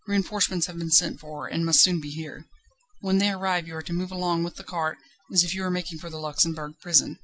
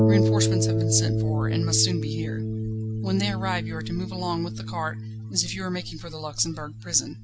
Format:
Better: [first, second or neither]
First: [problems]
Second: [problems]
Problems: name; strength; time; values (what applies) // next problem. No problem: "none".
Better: first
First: none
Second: background sound (Harp); 3 dB above the speech